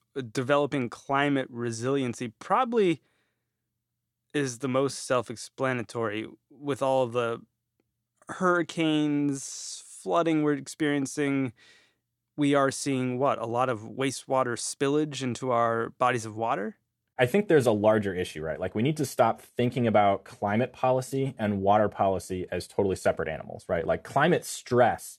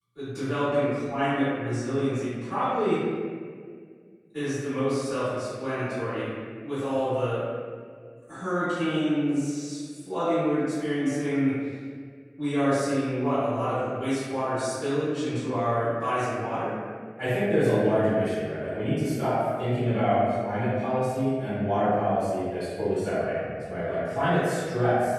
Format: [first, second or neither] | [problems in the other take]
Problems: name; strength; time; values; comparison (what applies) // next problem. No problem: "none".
first | off-mic speech; far // room echo; strong; dies away in 1.7 s